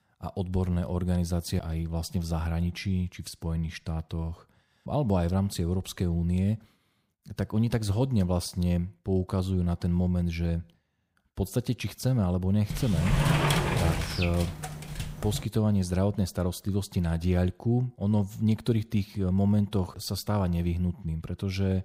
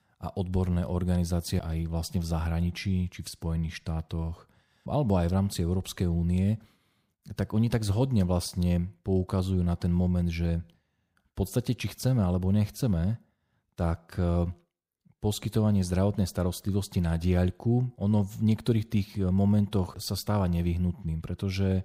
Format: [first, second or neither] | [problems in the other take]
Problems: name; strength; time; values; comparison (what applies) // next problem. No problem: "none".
second | door banging; loud; from 13 to 15 s; peak 5 dB above the speech